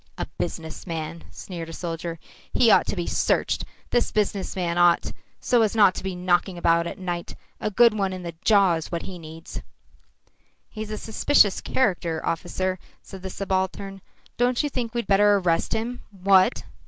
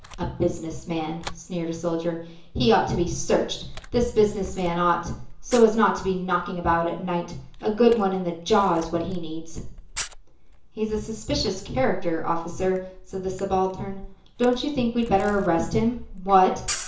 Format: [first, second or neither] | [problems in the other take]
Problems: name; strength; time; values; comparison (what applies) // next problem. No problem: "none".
first | background sound (Camera); 18 dB below the speech // room echo; dies away in 0.7 s